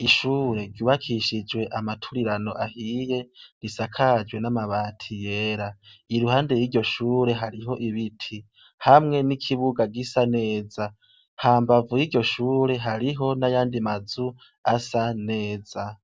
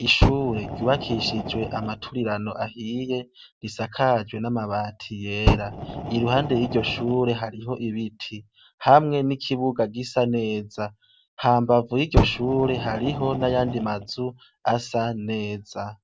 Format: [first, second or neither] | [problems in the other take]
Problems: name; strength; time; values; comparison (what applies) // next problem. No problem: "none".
first | background sound (Fire); 4 dB below the speech